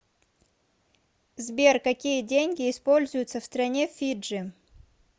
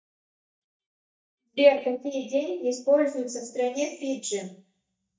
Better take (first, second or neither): first